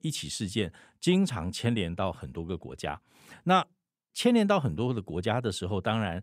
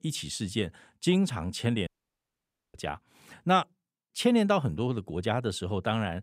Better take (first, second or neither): first